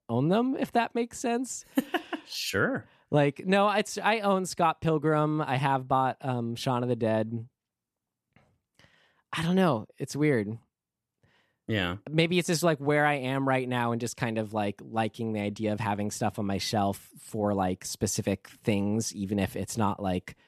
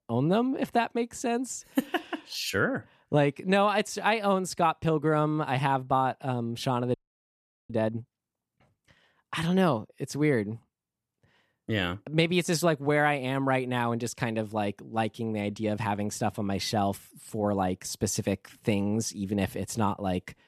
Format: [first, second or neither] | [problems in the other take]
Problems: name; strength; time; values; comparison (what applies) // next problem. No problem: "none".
first | audio freezing; at 7 s for 1 s